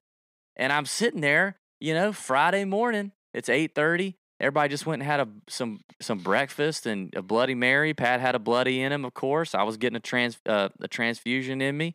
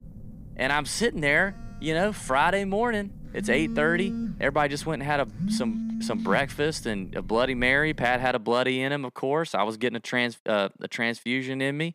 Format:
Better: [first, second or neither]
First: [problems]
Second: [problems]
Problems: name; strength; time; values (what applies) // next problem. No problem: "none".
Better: first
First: none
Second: phone ringing; noticeable; until 8.5 s; peak 3 dB below the speech